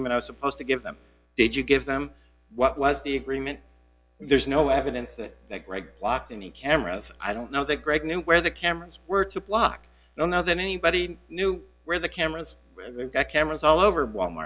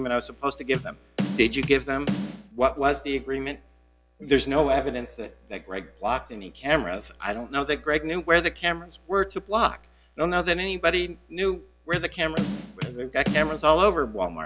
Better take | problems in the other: first | background sound (Bass drum / Snare drum); 5 dB below the speech

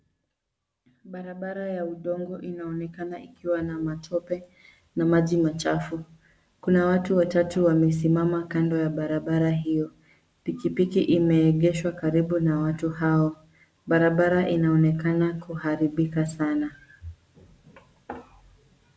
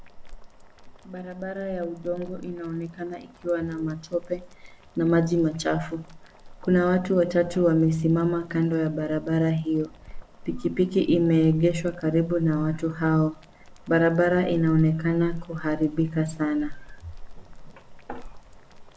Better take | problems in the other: first | background sound (Boiling); 16 dB below the speech

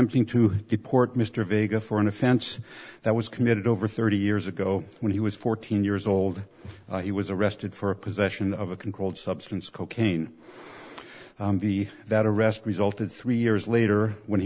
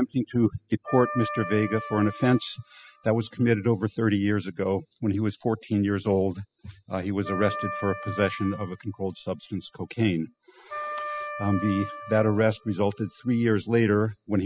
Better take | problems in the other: first | noise reduction (classical method spectral subtraction)

